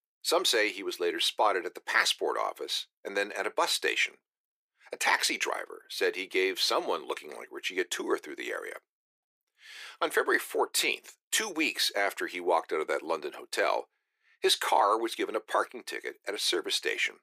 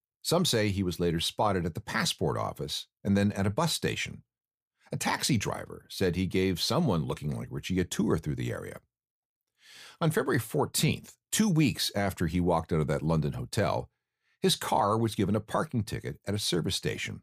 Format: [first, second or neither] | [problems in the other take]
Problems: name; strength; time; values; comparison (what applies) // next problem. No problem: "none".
second | thin; very; fading below 350 Hz